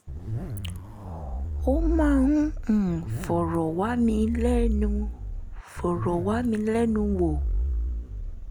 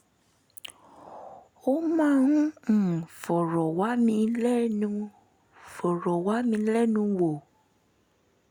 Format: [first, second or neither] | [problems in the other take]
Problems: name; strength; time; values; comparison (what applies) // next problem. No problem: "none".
second | background sound (Zipper (clothing)); 3 dB below the speech